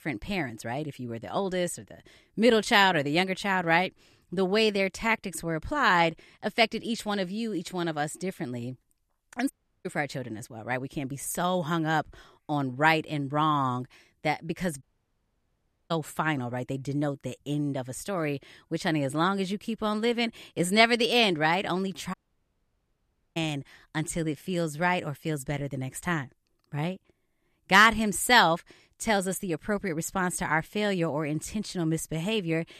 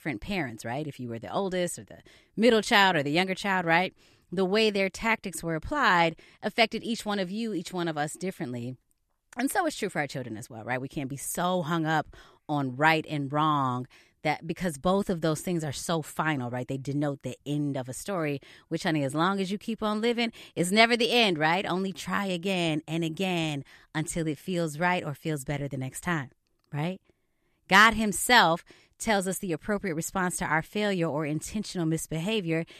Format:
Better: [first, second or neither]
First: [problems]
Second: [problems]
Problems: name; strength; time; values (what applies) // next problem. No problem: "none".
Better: second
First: audio cutting out; at 9.5 s, at 15 s for 1 s and at 22 s for 1 s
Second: none